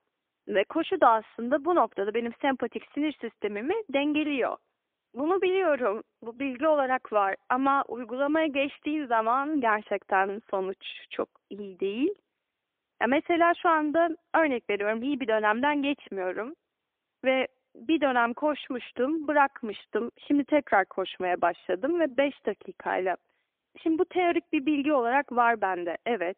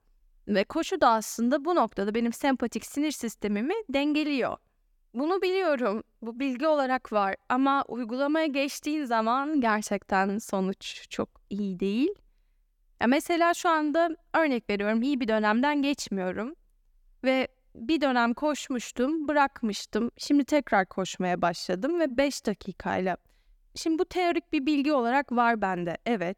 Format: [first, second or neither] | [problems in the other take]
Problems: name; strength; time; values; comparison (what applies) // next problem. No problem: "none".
second | phone-call audio; poor line; nothing above 3.5 kHz